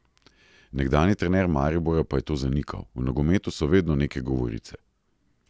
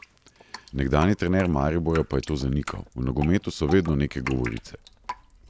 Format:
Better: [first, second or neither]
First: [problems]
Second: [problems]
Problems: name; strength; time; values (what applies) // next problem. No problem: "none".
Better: first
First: none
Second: background sound (Drip); 16 dB below the speech